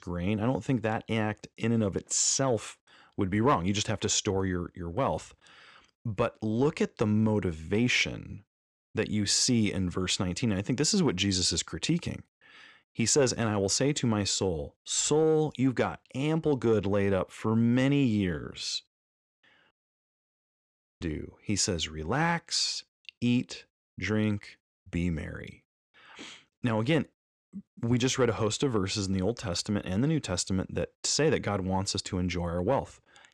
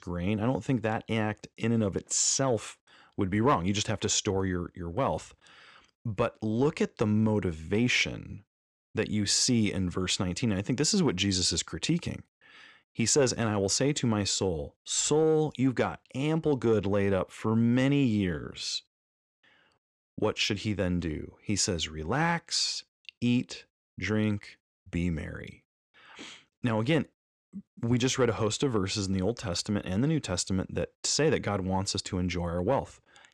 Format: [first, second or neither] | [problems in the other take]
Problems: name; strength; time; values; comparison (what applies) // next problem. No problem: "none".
second | audio cutting out; at 20 s for 1.5 s